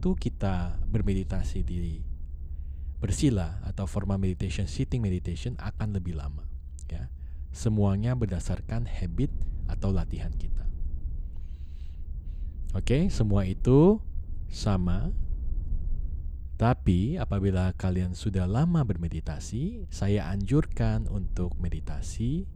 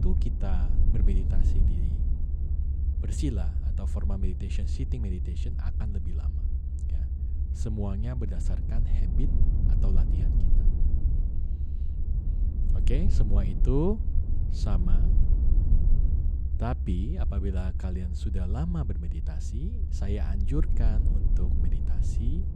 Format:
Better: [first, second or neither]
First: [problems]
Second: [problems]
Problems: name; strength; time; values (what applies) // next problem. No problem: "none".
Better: first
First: low rumble; faint; throughout; 25 dB below the speech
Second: low rumble; loud; throughout; 6 dB below the speech